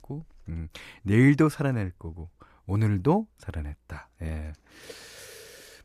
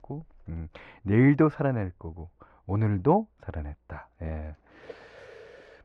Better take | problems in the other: first | muffled; very; fading above 2 kHz

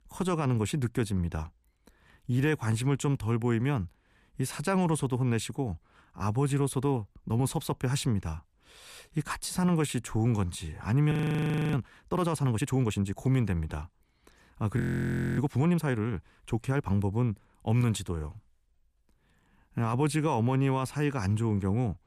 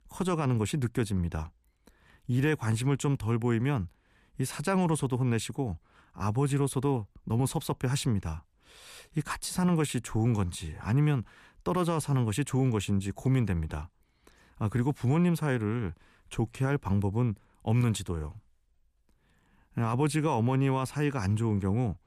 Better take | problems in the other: second | audio freezing; at 11 s for 0.5 s and at 15 s for 0.5 s

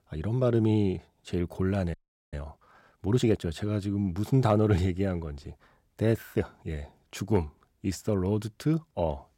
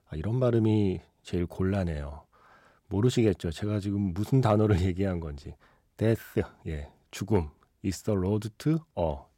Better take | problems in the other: second | audio freezing; at 2 s

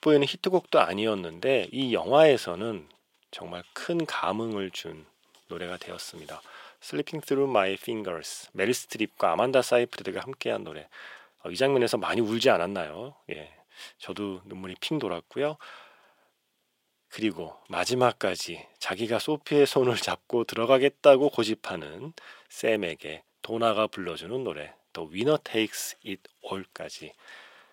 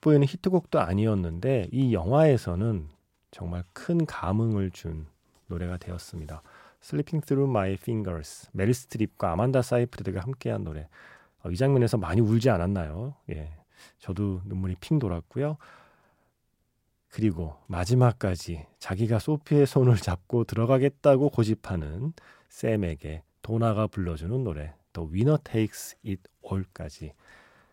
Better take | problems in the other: second | thin; somewhat; fading below 400 Hz

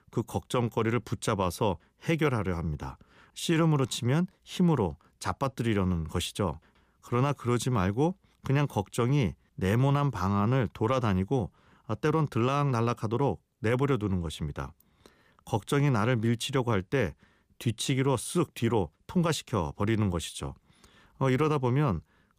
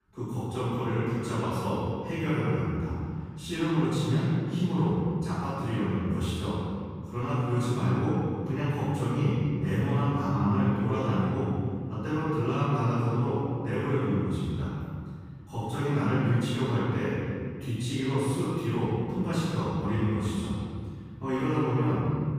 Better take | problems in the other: first | off-mic speech; far // room echo; strong; dies away in 2.1 s

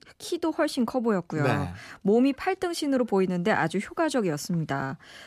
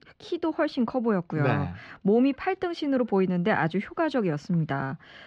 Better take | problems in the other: first | muffled; slightly; fading above 3.5 kHz

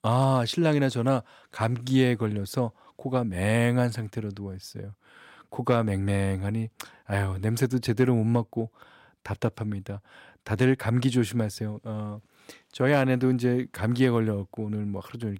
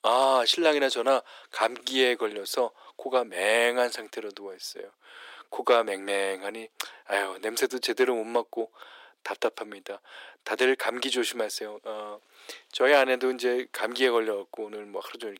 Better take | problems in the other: first | thin; very; fading below 350 Hz

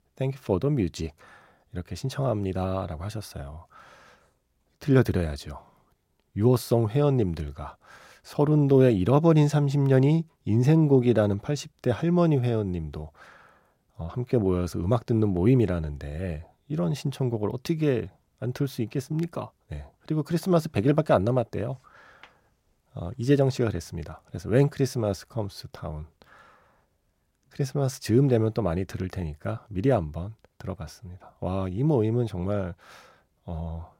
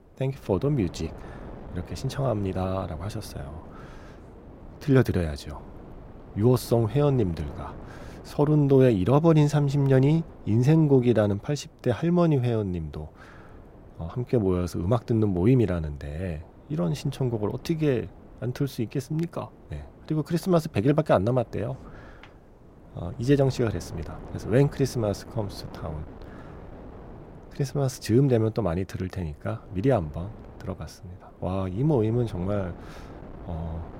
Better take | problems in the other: first | wind noise on the microphone; occasional gusts; 20 dB below the speech

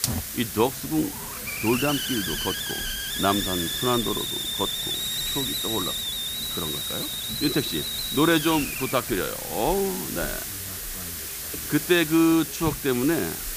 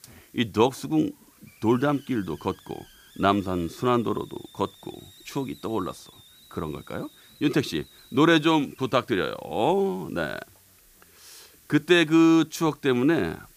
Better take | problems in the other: second | hiss; loud; throughout; 2 dB below the speech; faint in the second

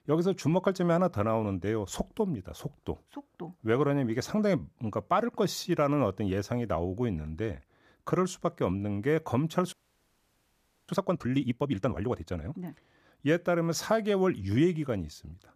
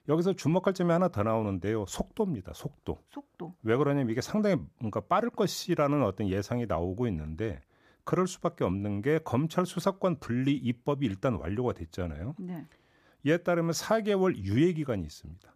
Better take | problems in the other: second | audio freezing; at 9.5 s for 1 s

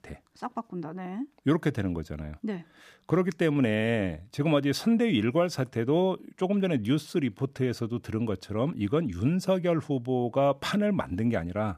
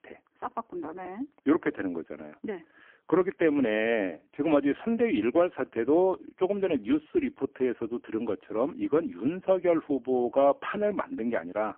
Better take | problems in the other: first | phone-call audio; poor line; nothing above 3 kHz

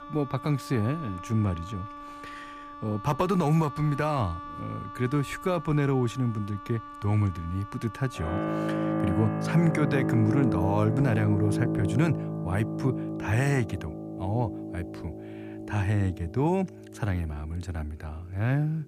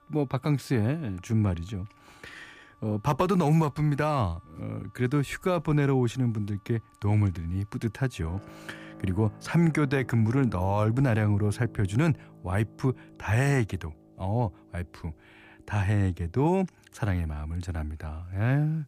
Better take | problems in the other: second | background music; loud; throughout; 5 dB below the speech; faint in the second

